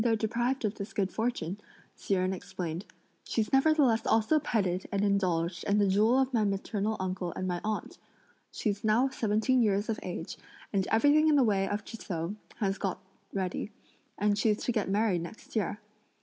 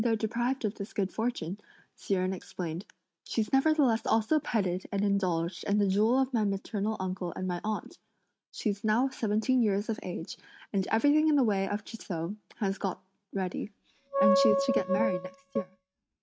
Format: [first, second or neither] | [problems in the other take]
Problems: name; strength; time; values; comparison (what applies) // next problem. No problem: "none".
first | noise reduction (neural mask model RNNoise)